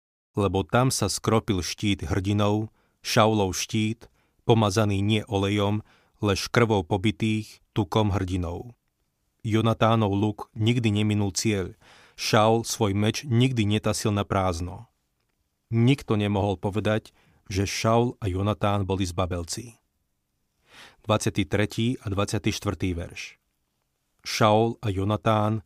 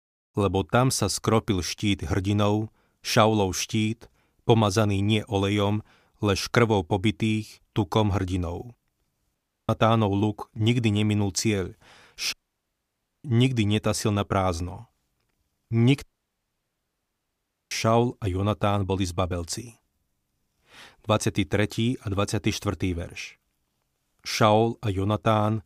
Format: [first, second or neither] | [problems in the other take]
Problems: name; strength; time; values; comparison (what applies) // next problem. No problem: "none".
first | audio cutting out; at 9.5 s, at 12 s for 1 s and at 16 s for 1.5 s